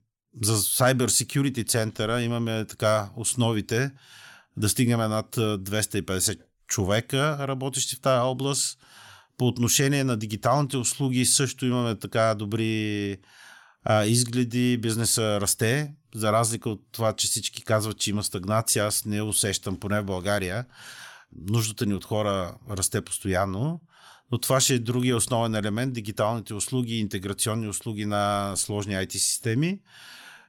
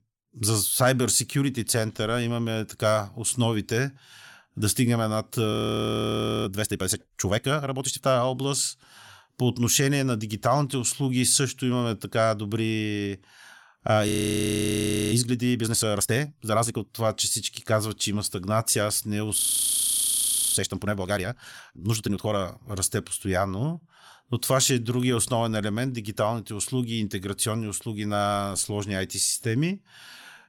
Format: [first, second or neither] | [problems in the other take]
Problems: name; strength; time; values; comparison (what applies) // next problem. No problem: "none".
first | audio freezing; at 5.5 s for 1 s, at 14 s for 1 s and at 19 s for 1 s